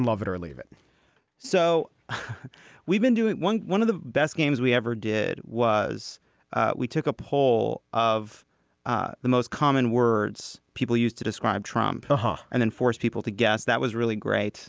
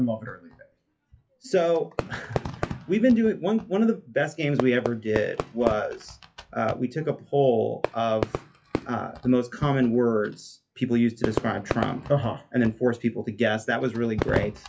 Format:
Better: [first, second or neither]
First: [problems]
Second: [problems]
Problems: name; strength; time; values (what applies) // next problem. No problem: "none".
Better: first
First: none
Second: noise reduction (classical method WPE with log-MMSE)